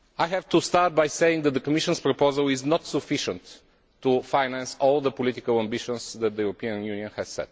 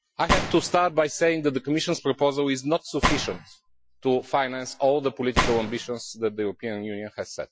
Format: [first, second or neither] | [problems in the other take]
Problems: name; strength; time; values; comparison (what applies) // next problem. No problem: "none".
first | noise reduction (classical method Wiener filter)